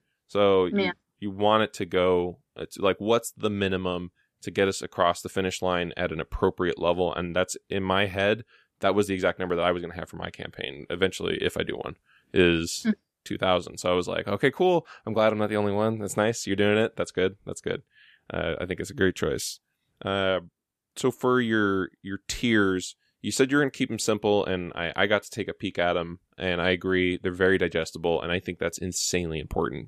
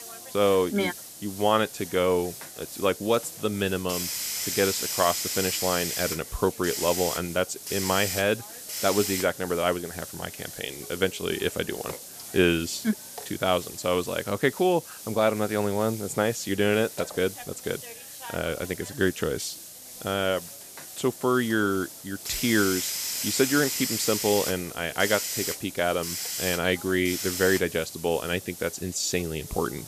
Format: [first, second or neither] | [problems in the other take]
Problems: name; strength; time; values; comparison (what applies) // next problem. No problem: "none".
first | hiss; loud; throughout; 6 dB below the speech